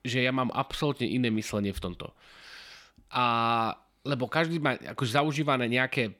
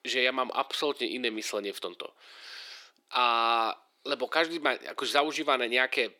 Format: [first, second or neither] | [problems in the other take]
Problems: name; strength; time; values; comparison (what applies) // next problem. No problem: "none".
first | thin; somewhat; fading below 350 Hz